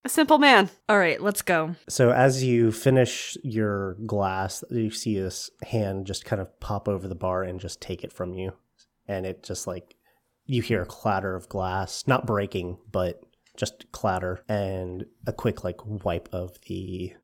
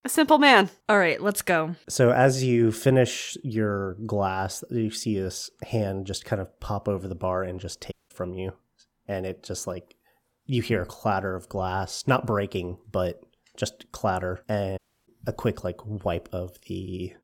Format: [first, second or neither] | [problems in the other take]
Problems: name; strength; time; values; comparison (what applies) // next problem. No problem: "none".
first | audio cutting out; at 8 s and at 15 s